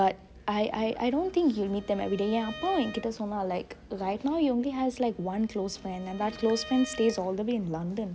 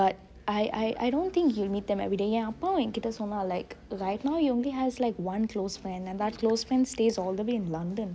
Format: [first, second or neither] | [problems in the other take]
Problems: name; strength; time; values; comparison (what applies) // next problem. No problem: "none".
second | background sound (Bowed string instrument); 19 dB below the speech